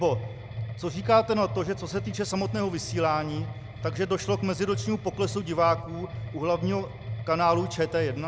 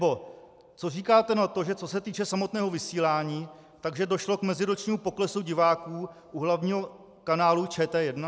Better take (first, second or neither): second